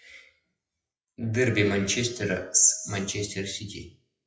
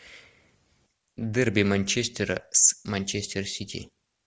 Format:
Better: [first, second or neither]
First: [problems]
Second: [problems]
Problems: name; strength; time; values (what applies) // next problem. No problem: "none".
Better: second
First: noise reduction (classical method WPE with log-MMSE)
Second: none